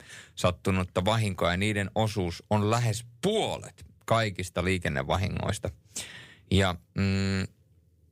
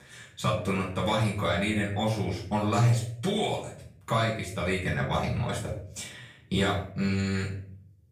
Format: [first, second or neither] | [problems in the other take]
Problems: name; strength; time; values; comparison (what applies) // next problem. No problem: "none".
first | off-mic speech; far // room echo; slight; dies away in 0.5 s